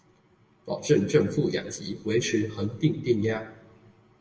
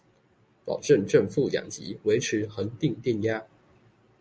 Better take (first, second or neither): second